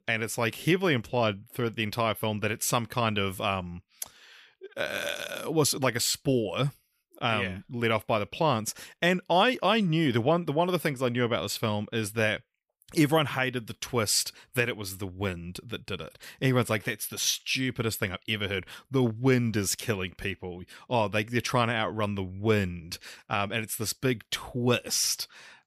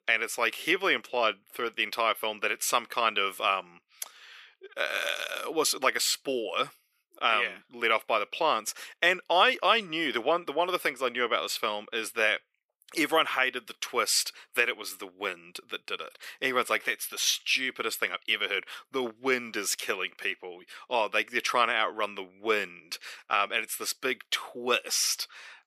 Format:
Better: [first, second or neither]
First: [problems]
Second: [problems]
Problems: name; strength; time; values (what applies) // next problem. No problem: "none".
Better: first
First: none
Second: thin; very; fading below 350 Hz